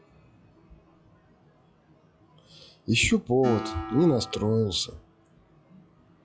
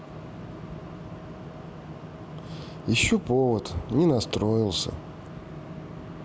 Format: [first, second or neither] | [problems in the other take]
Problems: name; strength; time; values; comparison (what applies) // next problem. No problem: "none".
second | noise reduction (classical method log-MMSE)